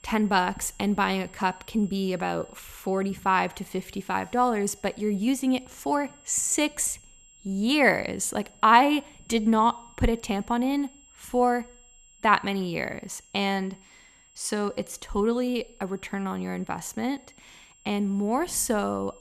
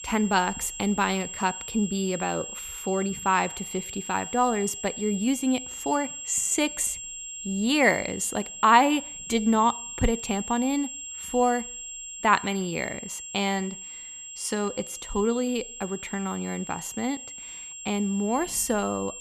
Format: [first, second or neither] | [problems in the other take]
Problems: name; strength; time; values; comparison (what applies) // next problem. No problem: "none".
first | high-pitched whine; loud; throughout; 7.5 kHz, 9 dB below the speech; faint in the first